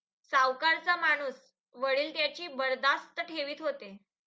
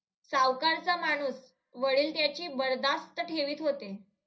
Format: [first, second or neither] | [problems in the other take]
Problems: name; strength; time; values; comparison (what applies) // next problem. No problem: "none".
first | room echo; dies away in 0.4 s